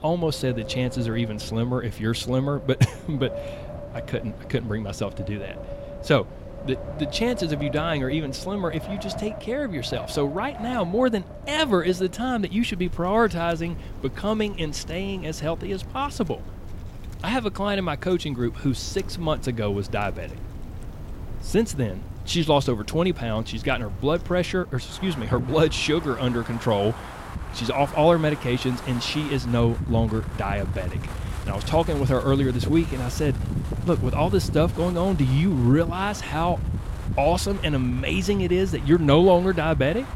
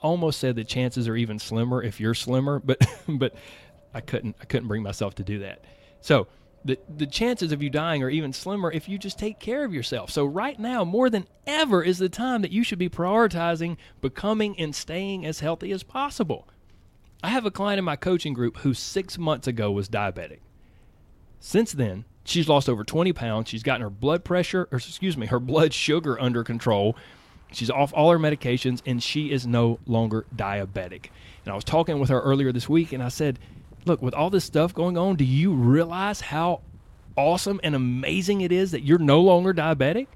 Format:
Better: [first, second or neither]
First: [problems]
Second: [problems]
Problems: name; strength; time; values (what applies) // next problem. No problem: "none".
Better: second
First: wind in the background; loud; throughout; 10 dB below the speech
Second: wind in the background; faint; throughout; 30 dB below the speech